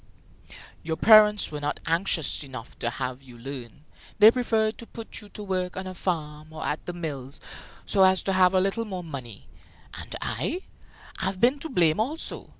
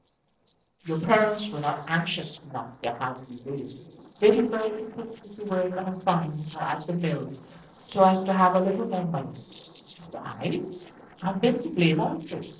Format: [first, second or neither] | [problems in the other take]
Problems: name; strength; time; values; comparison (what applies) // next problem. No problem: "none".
first | noise reduction (neural separator model SepFormer DNS4)